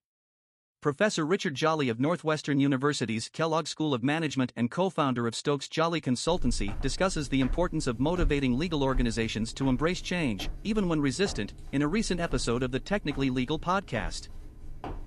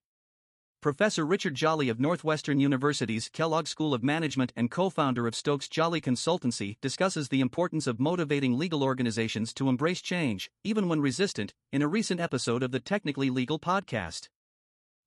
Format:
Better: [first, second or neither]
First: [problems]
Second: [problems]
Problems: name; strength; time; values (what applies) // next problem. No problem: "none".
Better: second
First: footsteps; noticeable; from 6.5 s on; peak 7 dB below the speech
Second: none